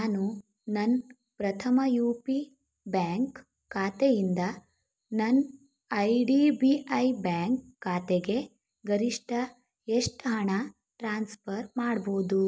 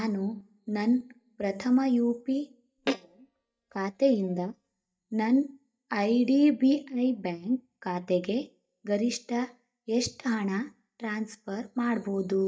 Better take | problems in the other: first | noise reduction (neural mask model DeepFilterNet 3)

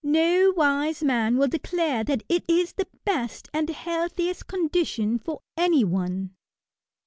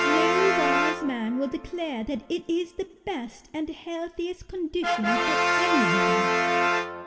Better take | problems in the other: first | background sound (Brass instrument); 3 dB above the speech // room echo; dies away in 1.6 s

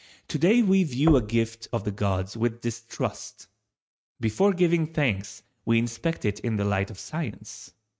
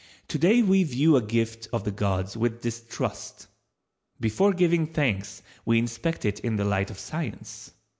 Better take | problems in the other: second | noise reduction (neural mask model RNNoise)

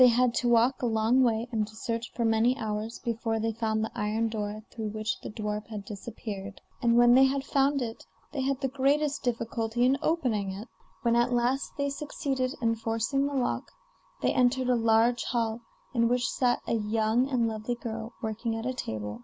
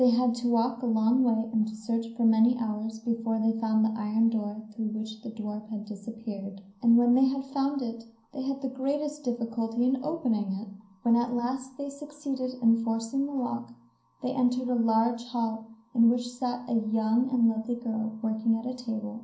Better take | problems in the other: first | room echo; dies away in 0.6 s

